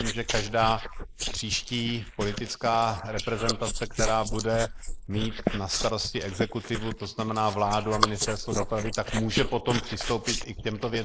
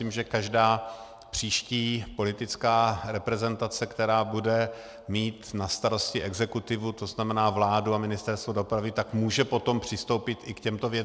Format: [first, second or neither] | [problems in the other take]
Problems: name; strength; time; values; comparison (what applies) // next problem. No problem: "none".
second | noise reduction (neural mask model Resemble Enhance denoiser)